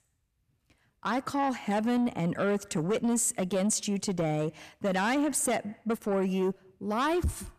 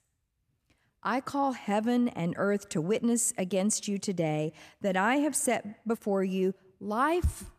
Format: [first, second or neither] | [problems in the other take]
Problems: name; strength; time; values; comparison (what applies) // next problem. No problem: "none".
second | distortion; slight; 10 dB below the speech